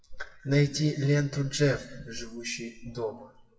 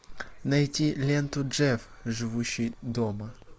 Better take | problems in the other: second | noise reduction (classical method WPE with log-MMSE)

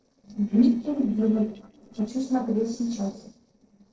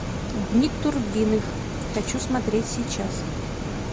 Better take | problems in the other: second | noise reduction (neural separator model SepFormer DNS4)

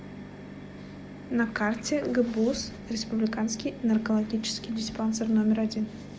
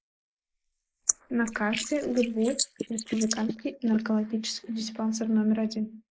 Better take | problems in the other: first | noise reduction (neural mask model Resemble Enhance denoiser)

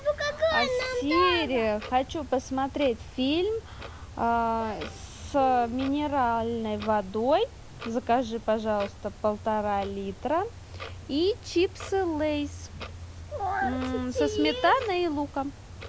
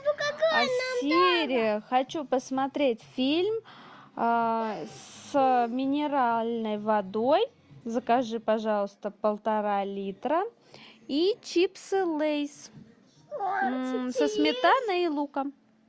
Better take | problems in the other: second | background sound (Clock); 14 dB below the speech

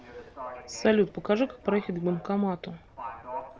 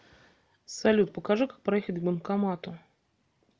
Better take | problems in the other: second | background sound (Livestock, farm animals, working animals); 13 dB below the speech

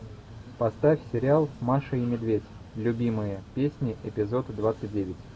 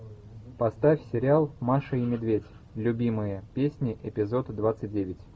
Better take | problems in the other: second | background sound (Train + Mechanical fan); 19 dB below the speech

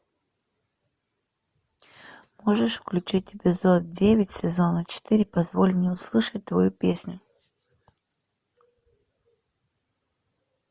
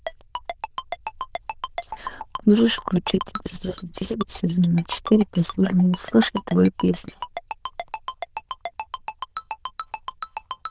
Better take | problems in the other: first | noise reduction (neural diffusion model UNIVERSE++)

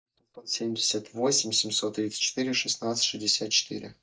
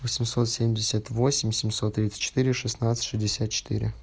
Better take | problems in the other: second | noise reduction (neural mask model DeepFilterNet 3)

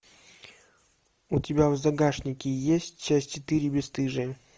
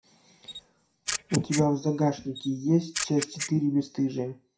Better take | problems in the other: first | noise reduction (classical method WPE with log-MMSE)

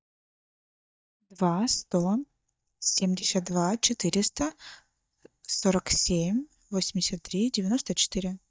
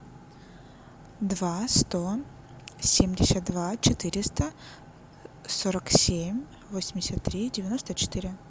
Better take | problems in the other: second | noise reduction (neural mask model DeepFilterNet 3)

